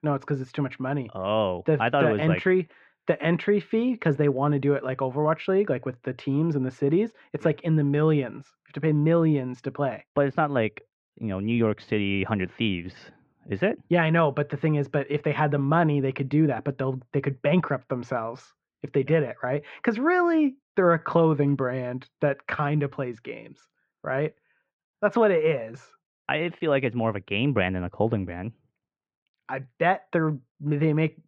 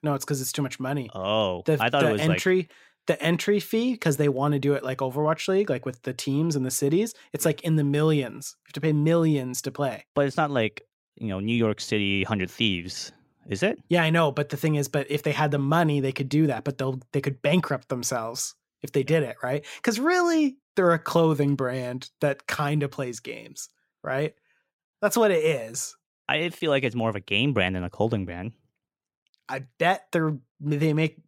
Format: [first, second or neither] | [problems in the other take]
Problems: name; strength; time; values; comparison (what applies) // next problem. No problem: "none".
second | muffled; very; fading above 2.5 kHz